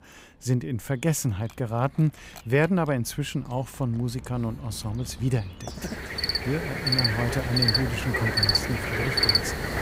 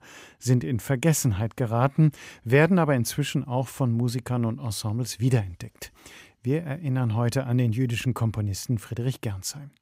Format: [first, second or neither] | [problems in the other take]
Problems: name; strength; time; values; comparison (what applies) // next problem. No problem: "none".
second | animal sounds; very loud; throughout; 4 dB above the speech